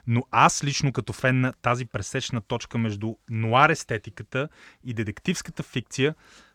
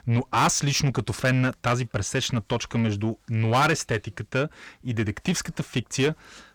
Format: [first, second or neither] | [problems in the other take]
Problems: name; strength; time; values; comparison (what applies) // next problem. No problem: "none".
first | distortion; heavy; 7 dB below the speech